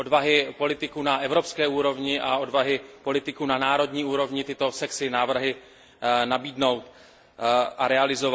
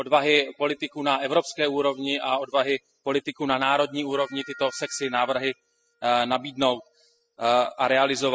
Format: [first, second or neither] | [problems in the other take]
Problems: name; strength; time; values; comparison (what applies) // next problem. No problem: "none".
first | noise reduction (classical method spectral subtraction)